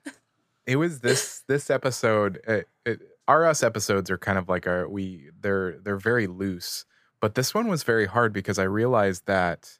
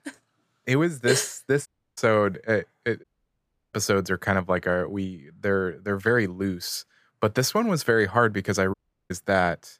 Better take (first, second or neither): first